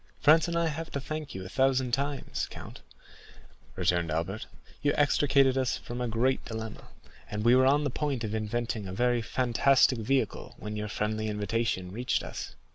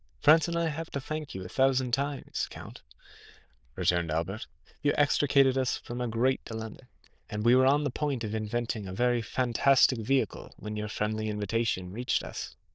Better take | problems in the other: first | noise reduction (neural diffusion model UNIVERSE++)

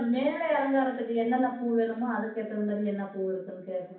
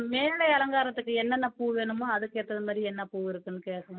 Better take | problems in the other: second | room echo; dies away in 0.6 s

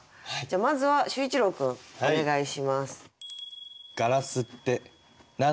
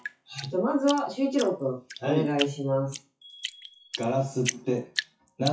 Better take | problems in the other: first | noise reduction (classical method WPE with log-MMSE)

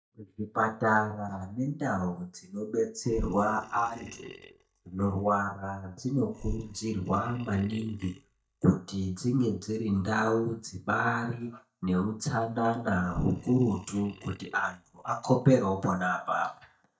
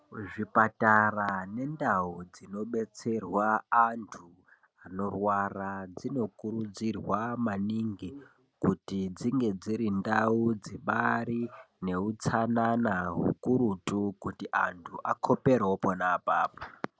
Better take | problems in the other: second | noise reduction (neural mask model DeepFilterNet 3)

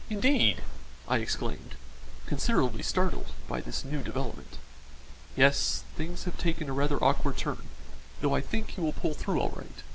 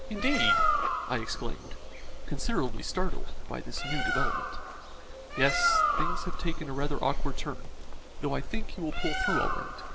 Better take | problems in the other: first | background sound (Bird); 5 dB below the speech

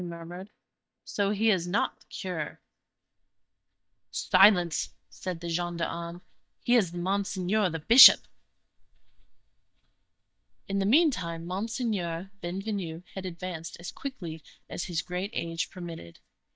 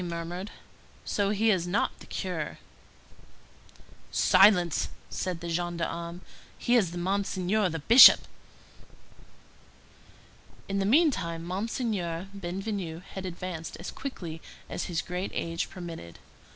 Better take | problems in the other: second | noise reduction (neural mask model DeepFilterNet 3)

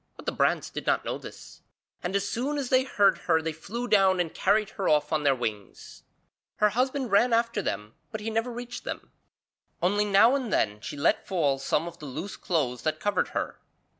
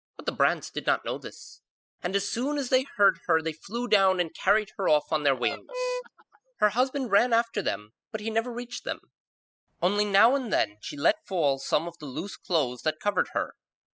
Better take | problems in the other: first | noise reduction (classical method spectral subtraction)

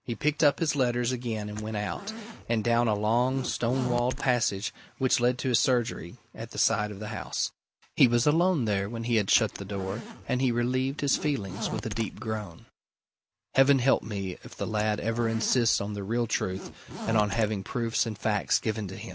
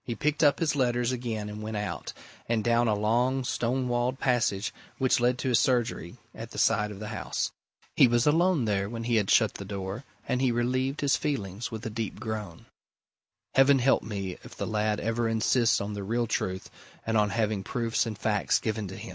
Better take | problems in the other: second | background sound (Zipper (clothing)); 13 dB below the speech

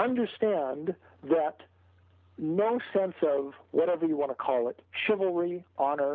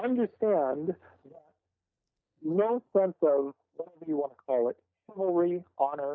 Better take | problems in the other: first | noise reduction (neural mask model DeepFilterNet 3)

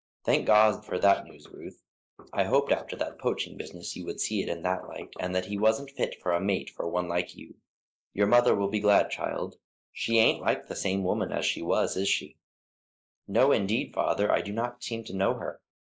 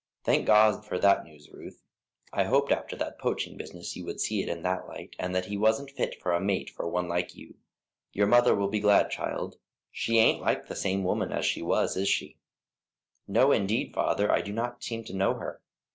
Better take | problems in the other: second | noise reduction (neural mask model Resemble Enhance denoiser)

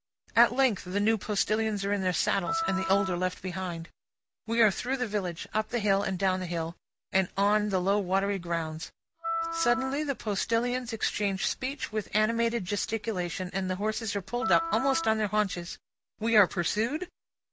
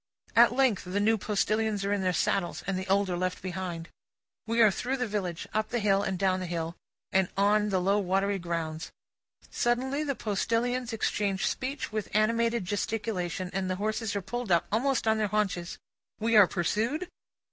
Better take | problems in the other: second | background sound (Wind instrument, woodwind instrument); 7 dB below the speech

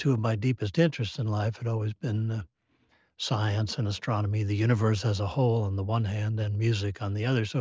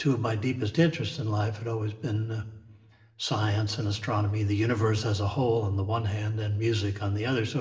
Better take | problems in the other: first | room echo; dies away in 0.8 s

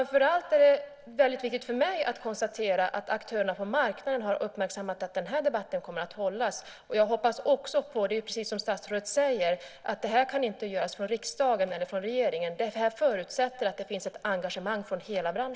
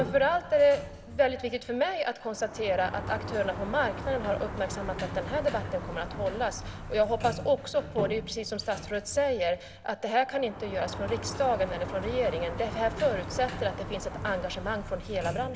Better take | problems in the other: first | background sound (Sliding door); 9 dB below the speech

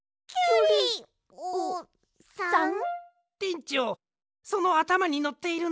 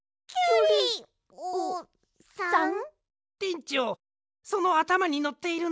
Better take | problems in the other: second | background sound (Brass instrument); 12 dB below the speech

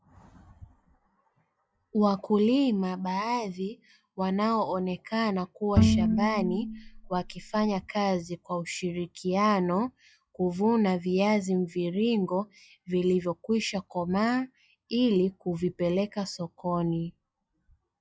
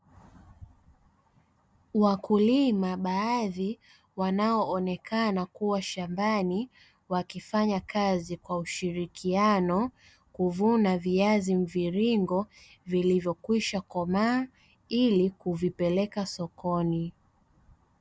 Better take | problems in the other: second | noise reduction (classical method log-MMSE)

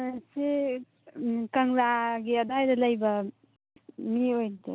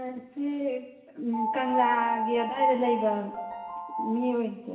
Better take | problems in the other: first | background sound (Piano); 2 dB below the speech // room echo; dies away in 1.1 s

